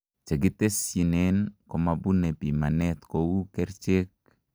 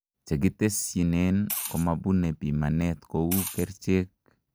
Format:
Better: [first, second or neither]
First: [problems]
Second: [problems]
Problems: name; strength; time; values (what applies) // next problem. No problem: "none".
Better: first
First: none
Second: background sound (Liquid); 9 dB below the speech